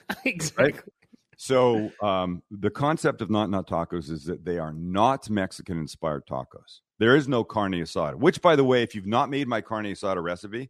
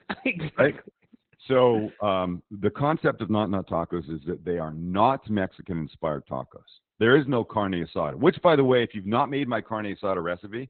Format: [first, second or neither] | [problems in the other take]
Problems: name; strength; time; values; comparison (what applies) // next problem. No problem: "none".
first | garbled, watery; badly; nothing above 3.5 kHz